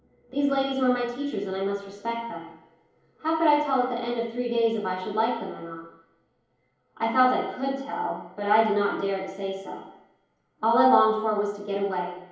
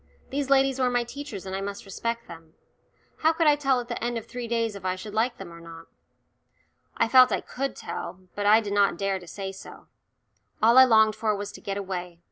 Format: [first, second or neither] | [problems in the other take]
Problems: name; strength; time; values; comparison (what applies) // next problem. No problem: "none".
second | room echo; dies away in 2.2 s